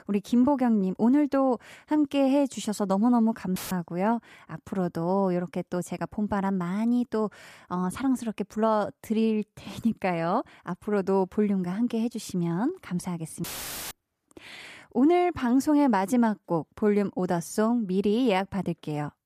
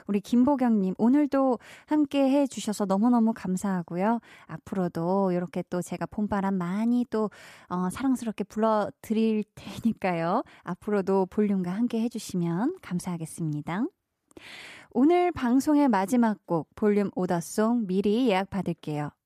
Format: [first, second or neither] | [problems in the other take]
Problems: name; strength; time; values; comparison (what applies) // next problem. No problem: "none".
second | audio cutting out; filled with static; at 3.5 s and at 13 s